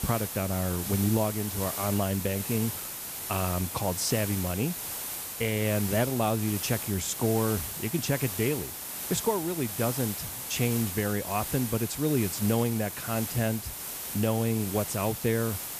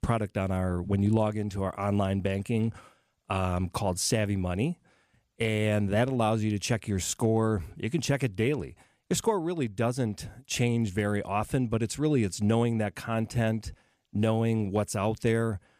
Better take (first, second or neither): second